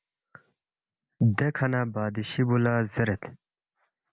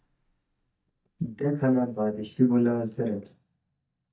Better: first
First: none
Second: noise reduction (neural mask model DeepFilterNet 3)

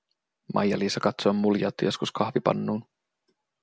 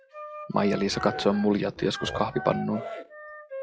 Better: first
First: none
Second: noise reduction (classical method log-MMSE)

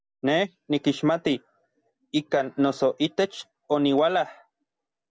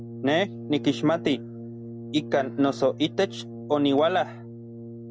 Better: first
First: none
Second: background sound (Brass instrument); 12 dB below the speech

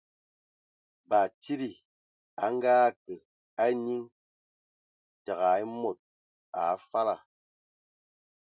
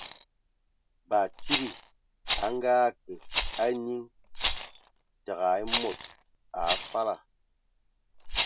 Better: first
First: none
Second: background sound (Rattle); 4 dB below the speech

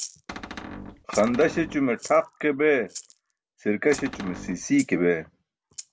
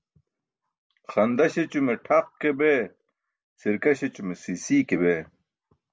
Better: second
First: background sound (Rattle (instrument) + Cupboard open or close); 15 dB below the speech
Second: none

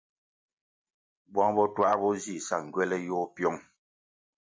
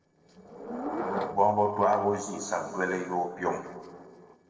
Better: first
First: none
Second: noise reduction (neural separator model SepFormer DNS4)

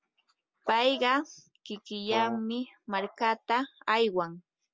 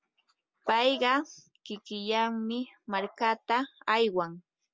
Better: second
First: background sound (Brass instrument); 6 dB below the speech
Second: none

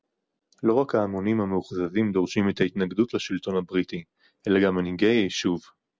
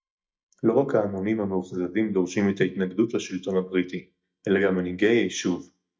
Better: first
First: none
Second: noise reduction (neural mask model DeepFilterNet 3)

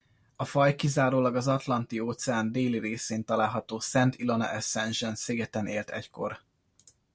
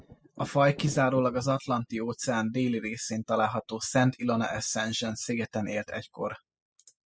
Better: first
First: none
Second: noise reduction (classical method spectral subtraction)

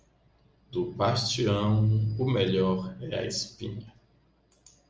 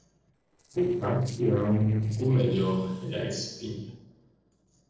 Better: first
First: none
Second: noise reduction (neural separator model SepFormer DNS4)

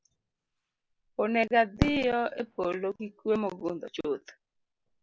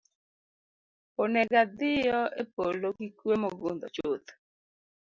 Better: second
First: background sound (Fireworks); 9 dB below the speech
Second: none

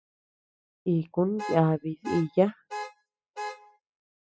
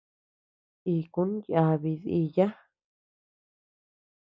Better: second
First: noise reduction (classical method spectral subtraction)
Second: none

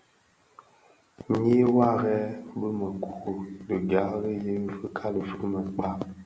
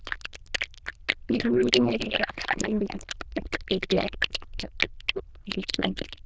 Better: first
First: none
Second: noise reduction (neural diffusion model UNIVERSE++)

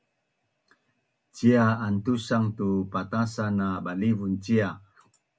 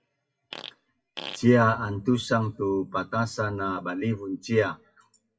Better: first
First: none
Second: noise reduction (classical method WPE with log-MMSE)

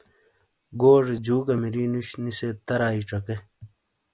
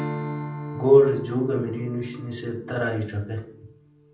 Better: first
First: none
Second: background sound (Strum); 11 dB below the speech // room echo; dies away in 0.6 s

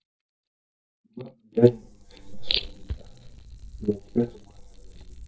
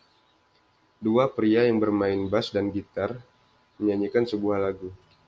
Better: second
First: noise reduction (neural mask model DeepFilterNet 3)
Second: none

